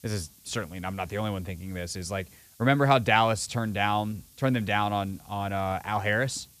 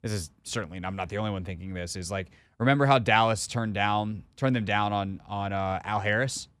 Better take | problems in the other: second | hiss; faint; throughout; 25 dB below the speech

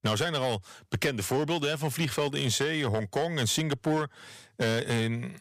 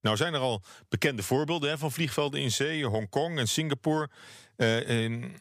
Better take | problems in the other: second | distortion; slight; 7% of the sound clipped

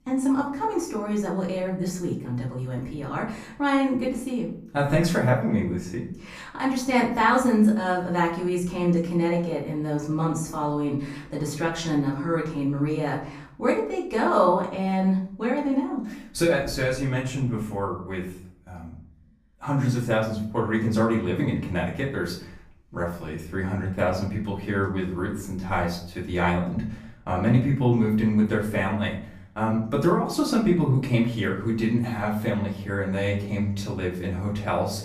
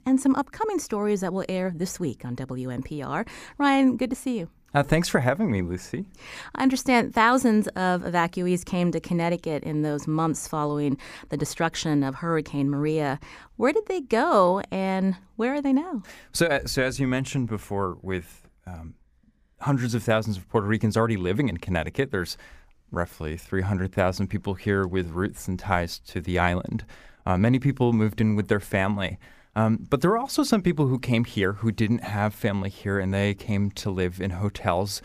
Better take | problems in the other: second | off-mic speech; far // room echo; slight; dies away in 0.5 s

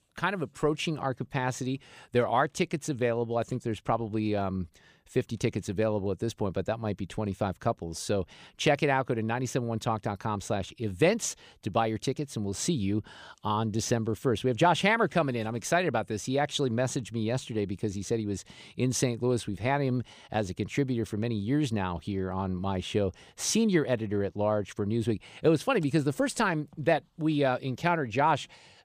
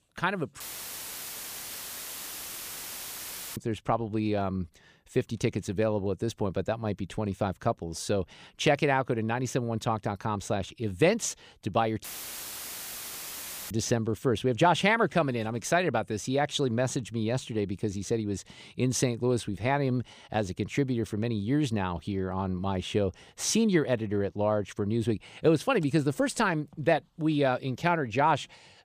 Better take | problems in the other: first | audio cutting out; filled with static; at 0.5 s for 3 s and at 12 s for 1.5 s

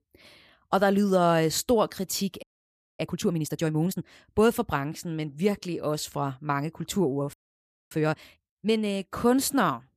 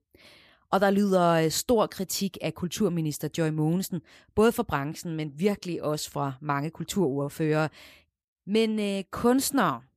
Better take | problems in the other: second | audio freezing; at 2.5 s for 0.5 s and at 7.5 s for 0.5 s

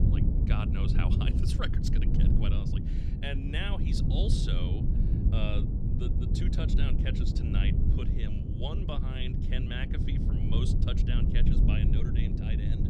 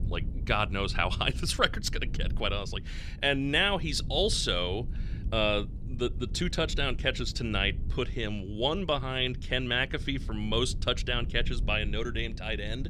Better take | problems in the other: second | low rumble; loud; throughout; 1 dB below the speech; faint in the second

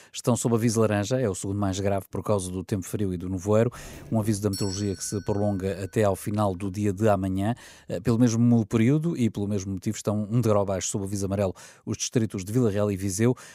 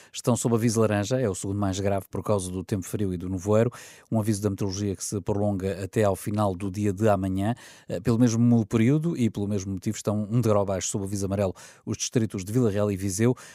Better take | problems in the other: second | doorbell; noticeable; from 3.5 to 5.5 s; peak 10 dB below the speech

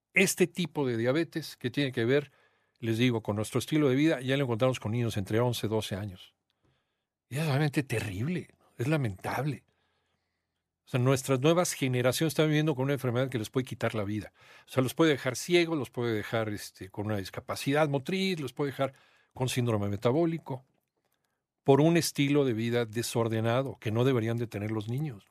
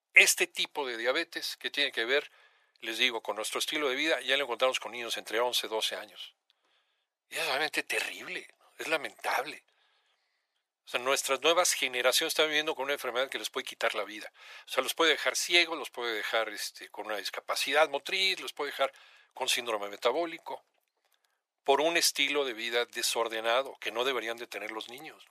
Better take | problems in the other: first | thin; very; fading below 550 Hz

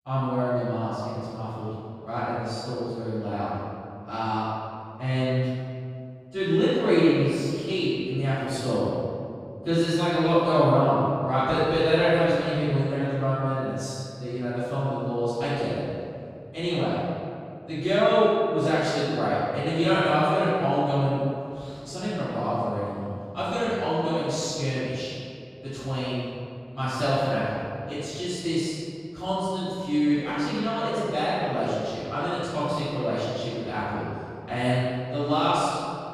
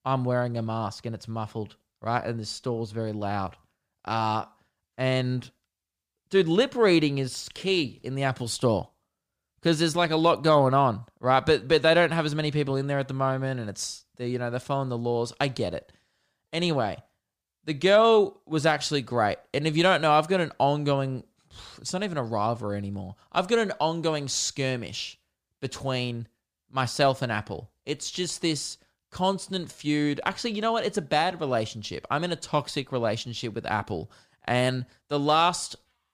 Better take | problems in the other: second | room echo; strong; dies away in 2.3 s // off-mic speech; far

